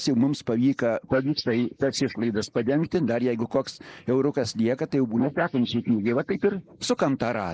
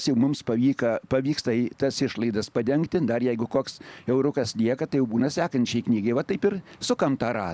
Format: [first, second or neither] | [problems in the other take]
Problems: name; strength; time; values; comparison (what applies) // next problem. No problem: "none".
second | noise reduction (neural mask model Resemble Enhance denoiser)